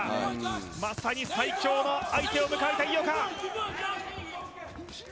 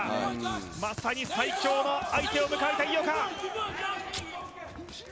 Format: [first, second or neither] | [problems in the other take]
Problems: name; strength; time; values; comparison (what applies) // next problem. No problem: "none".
first | background sound (Packing tape, duct tape); 19 dB below the speech